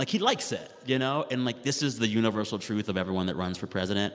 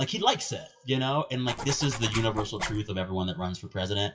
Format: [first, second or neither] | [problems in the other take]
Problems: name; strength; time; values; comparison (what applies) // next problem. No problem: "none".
first | noise reduction (classical method WPE with log-MMSE)